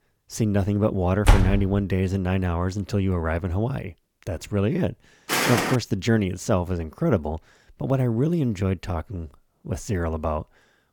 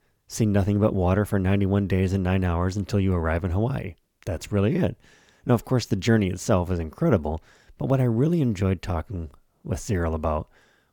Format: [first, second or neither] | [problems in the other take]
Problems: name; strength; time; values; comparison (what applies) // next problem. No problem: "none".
second | door banging; loud; at 1.5 s; peak 4 dB above the speech // footsteps; loud; at 5.5 s; peak 3 dB above the speech